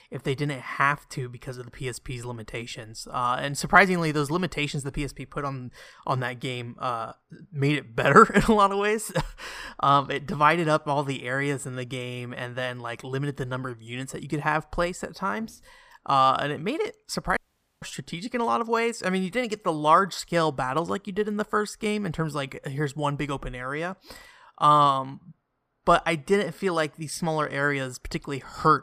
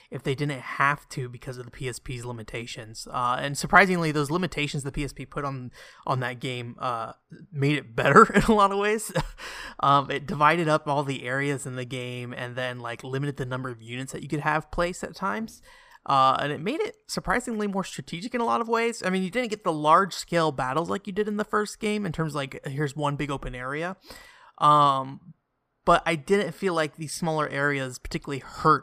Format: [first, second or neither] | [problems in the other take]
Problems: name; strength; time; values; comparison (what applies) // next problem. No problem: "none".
second | audio cutting out; at 17 s